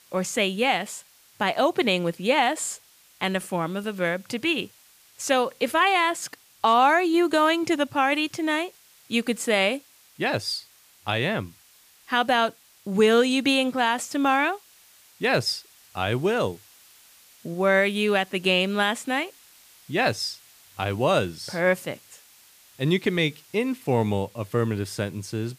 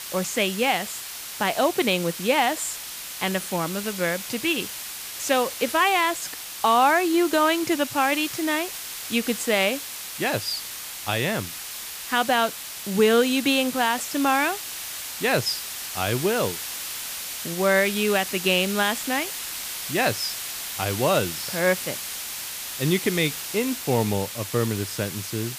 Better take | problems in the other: first | hiss; loud; throughout; 7 dB below the speech; faint in the first

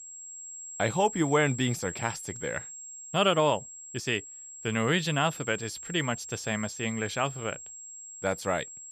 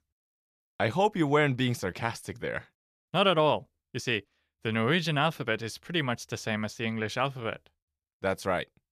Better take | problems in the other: second | high-pitched whine; noticeable; throughout; 7.5 kHz, 10 dB below the speech

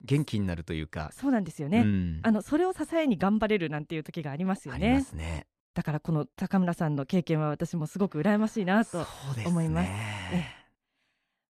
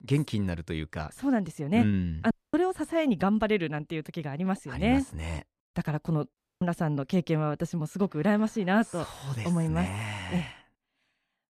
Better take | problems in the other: first | audio cutting out; at 2.5 s and at 6.5 s

